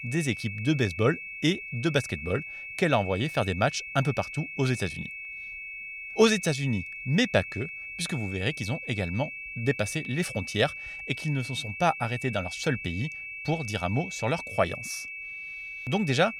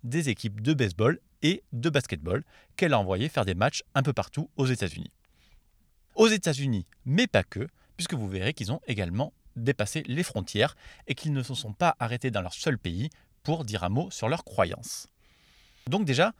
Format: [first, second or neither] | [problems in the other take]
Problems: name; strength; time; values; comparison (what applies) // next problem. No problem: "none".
second | high-pitched whine; loud; throughout; 2.5 kHz, 8 dB below the speech